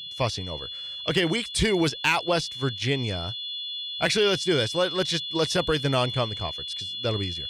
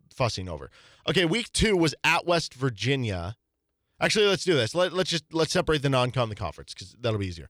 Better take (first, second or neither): second